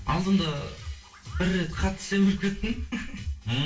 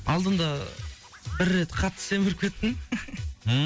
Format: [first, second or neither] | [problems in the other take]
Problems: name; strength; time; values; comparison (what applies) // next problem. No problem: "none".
second | room echo; dies away in 0.3 s